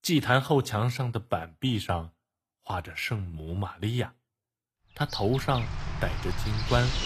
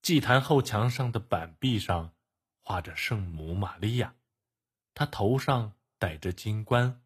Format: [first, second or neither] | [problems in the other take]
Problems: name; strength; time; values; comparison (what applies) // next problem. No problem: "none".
second | animal sounds; loud; from 5.5 s on; 6 dB below the speech